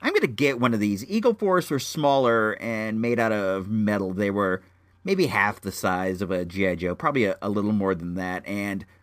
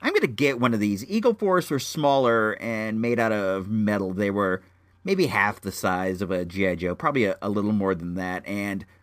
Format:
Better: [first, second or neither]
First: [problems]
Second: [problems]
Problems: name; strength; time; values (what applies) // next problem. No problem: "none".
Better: neither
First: none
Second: none